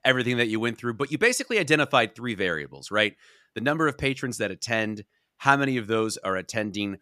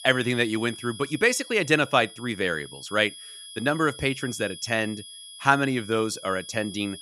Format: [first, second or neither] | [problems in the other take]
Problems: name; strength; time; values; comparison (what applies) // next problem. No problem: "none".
first | high-pitched whine; noticeable; throughout; 3.5 kHz, 15 dB below the speech